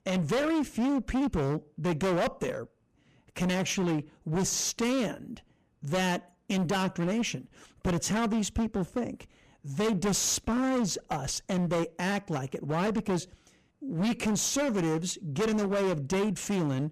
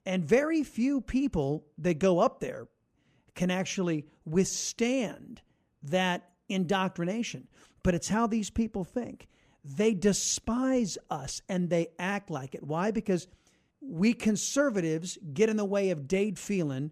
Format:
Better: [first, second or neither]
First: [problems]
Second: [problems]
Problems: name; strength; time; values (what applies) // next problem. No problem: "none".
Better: second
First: distortion; heavy; 21% of the sound clipped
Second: none